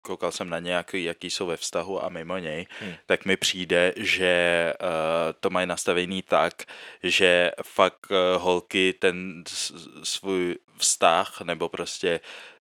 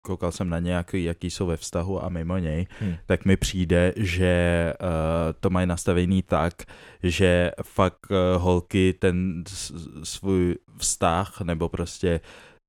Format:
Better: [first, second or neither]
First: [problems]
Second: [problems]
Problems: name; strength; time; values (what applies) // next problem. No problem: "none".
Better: second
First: thin; somewhat; fading below 350 Hz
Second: none